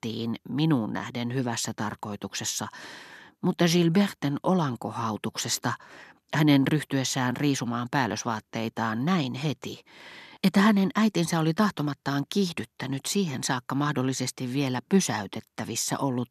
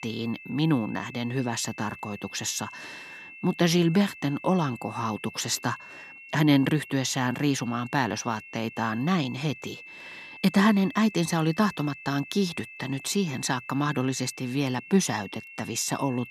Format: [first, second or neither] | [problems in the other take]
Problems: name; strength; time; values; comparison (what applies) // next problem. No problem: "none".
first | high-pitched whine; noticeable; throughout; 2.5 kHz, 15 dB below the speech